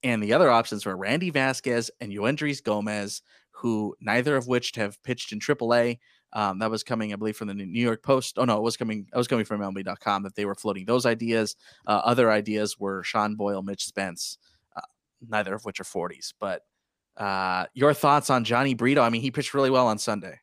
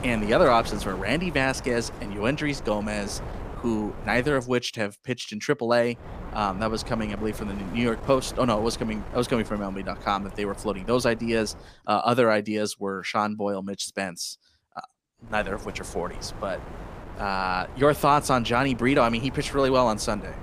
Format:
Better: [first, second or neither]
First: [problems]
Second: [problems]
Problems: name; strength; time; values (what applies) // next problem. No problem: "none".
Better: first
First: none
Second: wind noise on the microphone; occasional gusts; until 4.5 s, from 6 to 12 s and from 15 s on; 15 dB below the speech